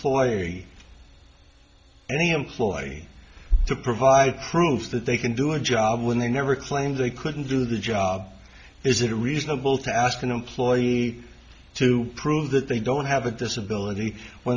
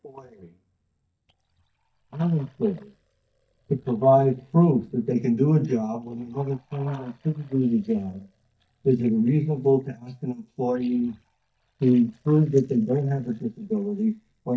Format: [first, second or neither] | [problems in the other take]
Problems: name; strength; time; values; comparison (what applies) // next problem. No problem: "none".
first | noise reduction (neural mask model DeepFilterNet 3)